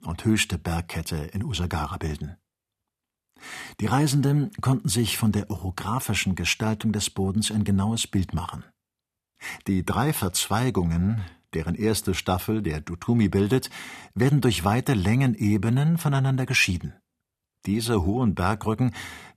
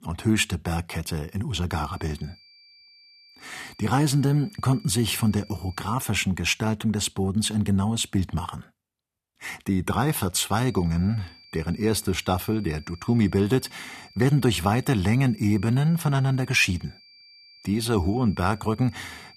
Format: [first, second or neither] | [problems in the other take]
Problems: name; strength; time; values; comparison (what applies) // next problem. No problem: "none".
first | high-pitched whine; faint; from 1.5 to 6 s and from 11 s on; 4.5 kHz, 25 dB below the speech